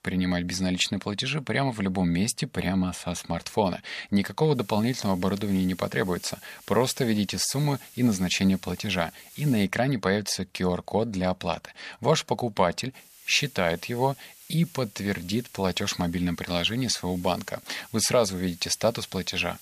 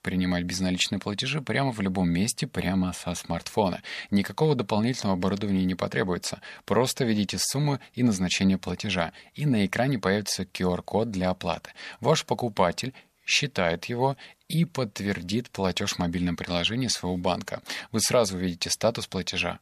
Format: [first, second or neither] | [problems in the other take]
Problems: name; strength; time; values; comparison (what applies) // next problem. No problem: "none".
second | hiss; faint; from 4.5 to 9.5 s and from 13 s on; 20 dB below the speech